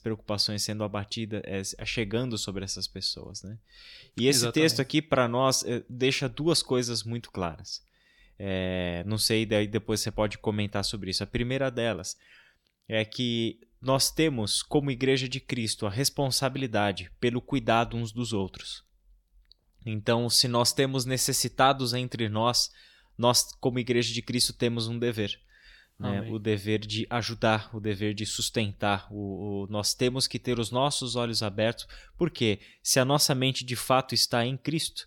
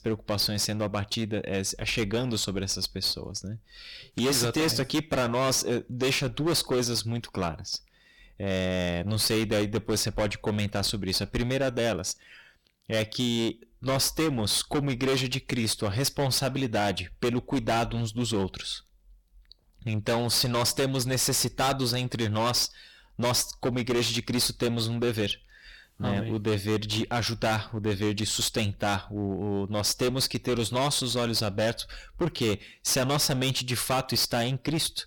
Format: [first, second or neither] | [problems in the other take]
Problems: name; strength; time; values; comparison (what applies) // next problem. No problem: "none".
first | distortion; heavy; 17% of the sound clipped